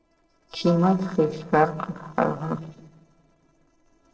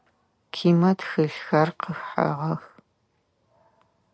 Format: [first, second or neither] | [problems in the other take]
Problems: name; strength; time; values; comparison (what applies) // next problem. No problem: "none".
second | noise reduction (neural separator model SepFormer DNS4)